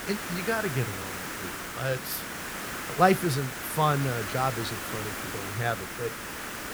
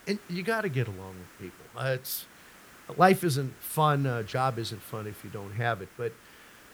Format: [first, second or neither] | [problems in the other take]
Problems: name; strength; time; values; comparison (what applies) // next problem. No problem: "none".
second | hiss; loud; throughout; 5 dB below the speech; faint in the second